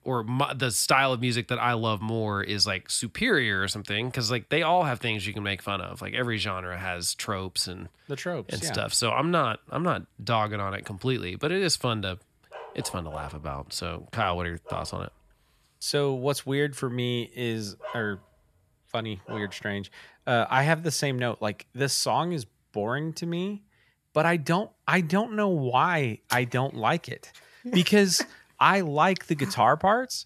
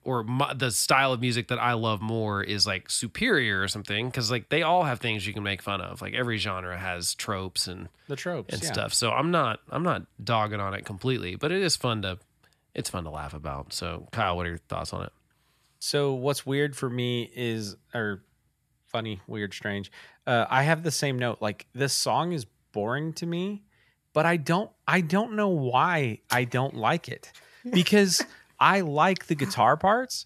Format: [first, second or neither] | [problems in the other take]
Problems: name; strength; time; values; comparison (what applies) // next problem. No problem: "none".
second | dog barking; faint; from 13 to 20 s; peak 15 dB below the speech